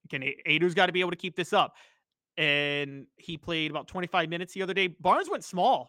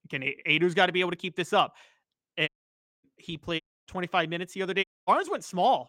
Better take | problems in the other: first | audio cutting out; at 2.5 s for 0.5 s, at 3.5 s and at 5 s

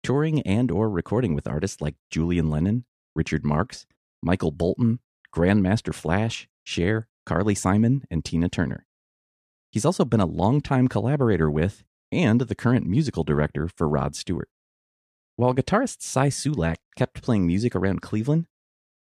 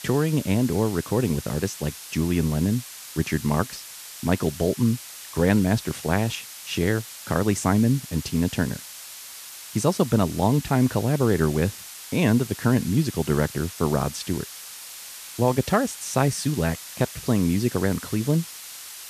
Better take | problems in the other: first | hiss; noticeable; throughout; 15 dB below the speech

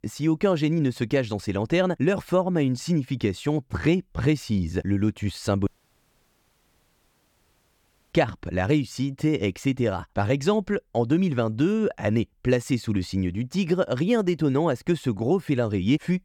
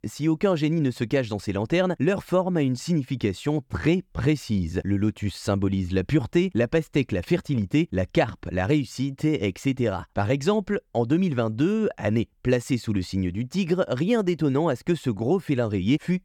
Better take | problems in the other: second | audio cutting out; at 5.5 s for 2.5 s

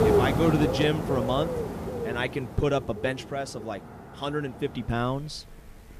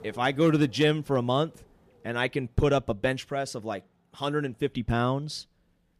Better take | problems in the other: second | animal sounds; loud; throughout; 1 dB below the speech; faint in the second

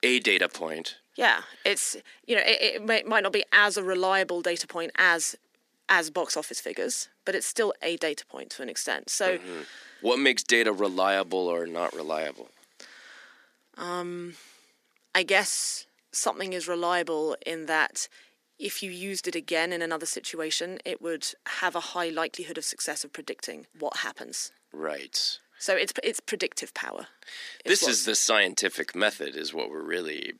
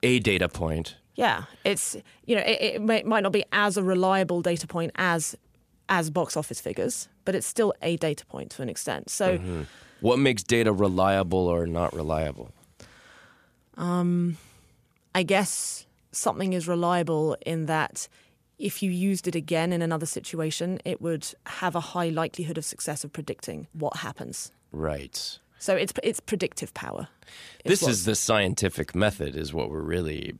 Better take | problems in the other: second | thin; somewhat; fading below 250 Hz

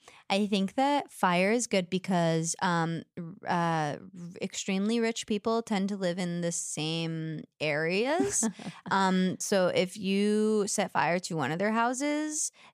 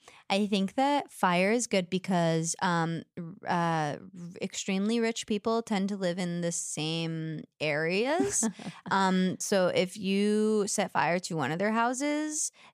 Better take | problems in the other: neither | none

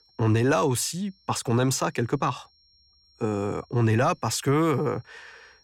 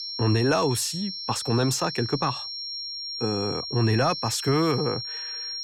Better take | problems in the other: first | high-pitched whine; loud; throughout; 5.5 kHz, 6 dB below the speech; faint in the first

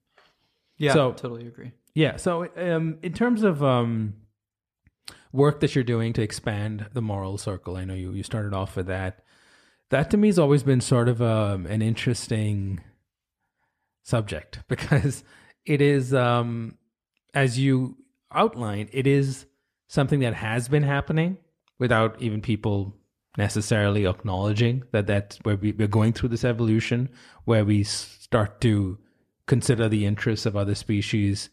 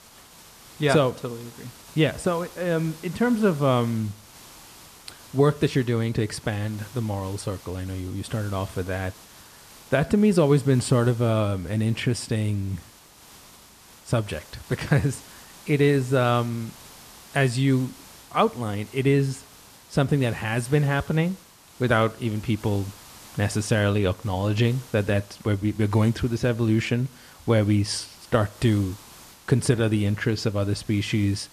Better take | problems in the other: first | hiss; faint; throughout; 20 dB below the speech

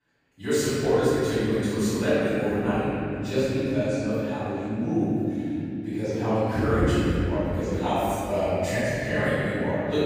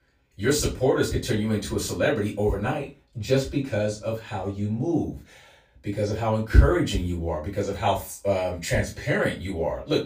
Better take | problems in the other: second | room echo; strong; dies away in 3 s; slight in the second // off-mic speech; far; far in the second

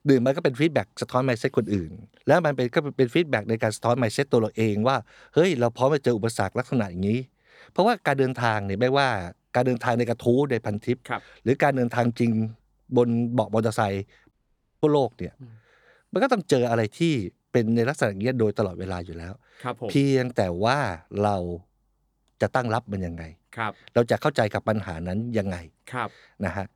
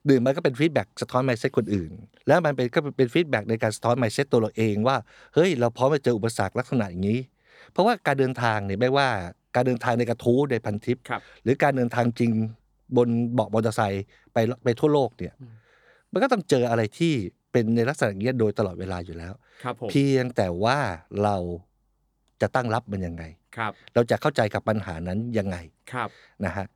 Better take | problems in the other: second | audio cutting out; at 14 s for 0.5 s

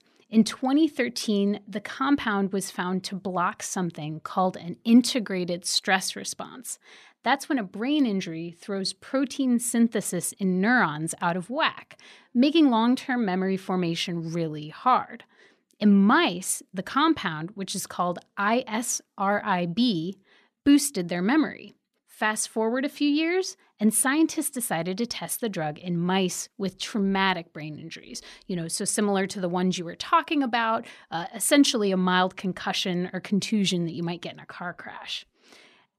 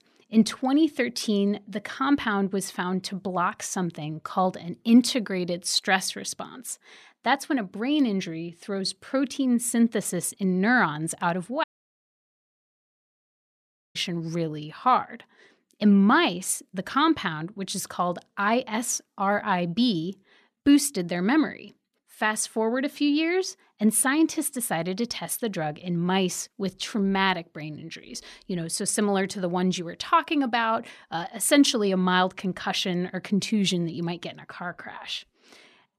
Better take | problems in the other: first | audio cutting out; at 12 s for 2.5 s

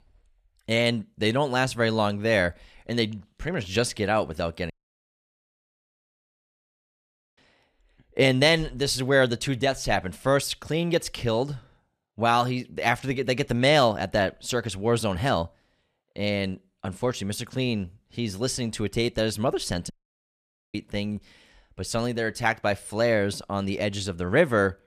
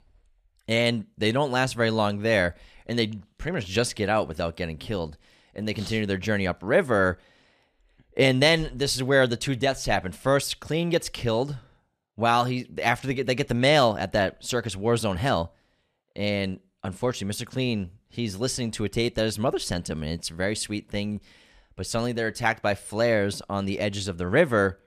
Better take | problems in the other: second | audio cutting out; at 4.5 s for 2.5 s and at 20 s for 1 s

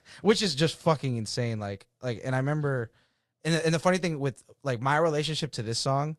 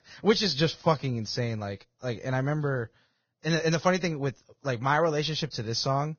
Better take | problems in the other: first | garbled, watery; badly; nothing above 6.5 kHz; slightly in the first

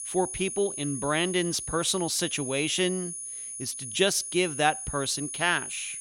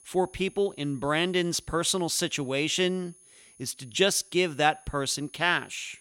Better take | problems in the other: second | high-pitched whine; loud; throughout; 10 kHz, 6 dB below the speech; faint in the second

